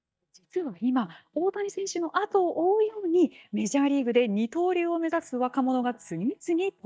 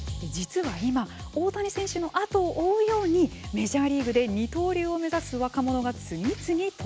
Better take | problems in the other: second | noise reduction (neural mask model DeepFilterNet 3)

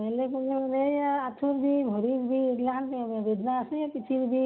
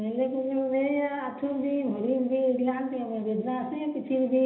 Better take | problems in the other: first | room echo; dies away in 0.8 s

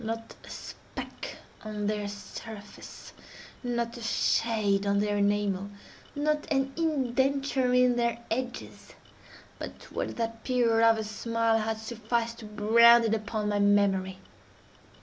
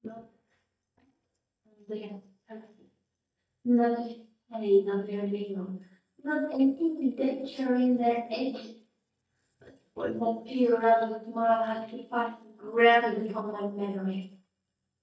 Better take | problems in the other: first | noise reduction (neural mask model DeepFilterNet 3)

